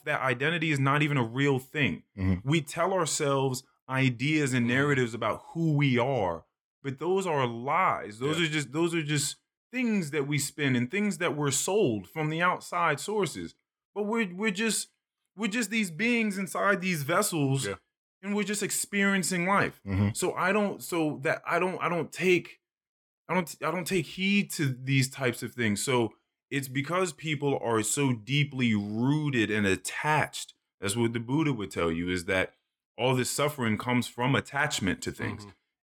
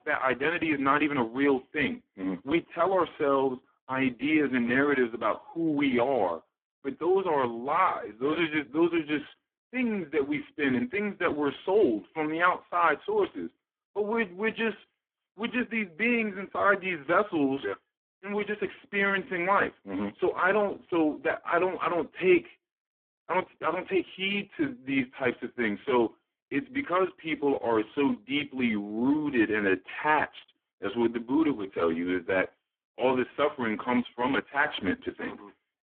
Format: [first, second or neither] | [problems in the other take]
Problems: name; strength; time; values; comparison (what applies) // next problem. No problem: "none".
first | phone-call audio; poor line